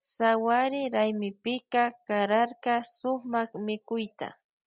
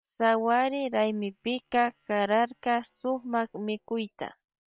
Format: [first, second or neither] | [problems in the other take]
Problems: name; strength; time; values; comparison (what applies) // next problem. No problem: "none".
first | noise reduction (neural separator model SepFormer WHAM!)